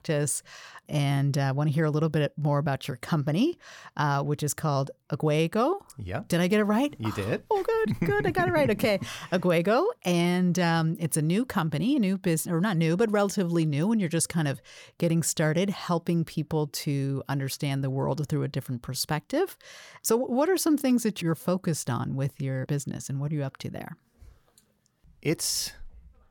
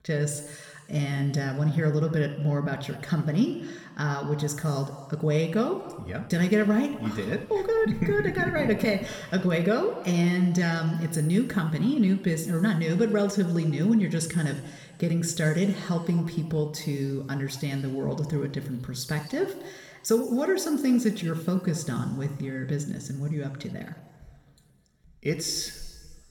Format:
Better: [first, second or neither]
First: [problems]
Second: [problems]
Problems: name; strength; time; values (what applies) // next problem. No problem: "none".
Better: first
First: none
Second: room echo; noticeable; dies away in 1.5 s // off-mic speech; somewhat distant